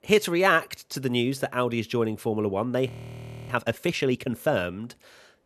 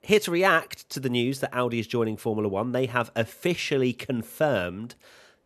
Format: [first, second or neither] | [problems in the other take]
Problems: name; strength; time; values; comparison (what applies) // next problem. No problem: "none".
second | audio freezing; at 3 s for 0.5 s